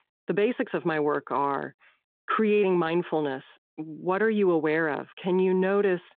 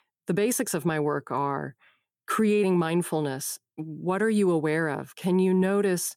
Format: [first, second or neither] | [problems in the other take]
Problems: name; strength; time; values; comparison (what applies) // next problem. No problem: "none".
second | phone-call audio; nothing above 3.5 kHz